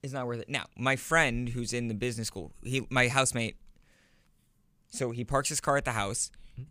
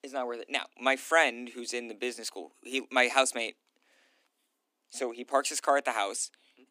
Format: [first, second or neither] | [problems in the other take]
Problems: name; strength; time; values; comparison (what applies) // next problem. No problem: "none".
first | thin; somewhat; fading below 250 Hz